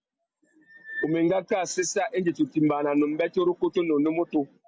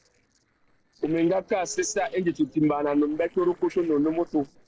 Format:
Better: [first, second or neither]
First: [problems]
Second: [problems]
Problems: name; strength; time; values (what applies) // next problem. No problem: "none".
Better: first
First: none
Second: noise reduction (neural separator model SepFormer DNS4)